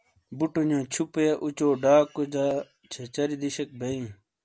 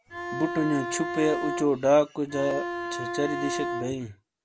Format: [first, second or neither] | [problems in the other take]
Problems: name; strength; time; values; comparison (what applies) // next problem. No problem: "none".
first | background sound (Bowed string instrument); 5 dB below the speech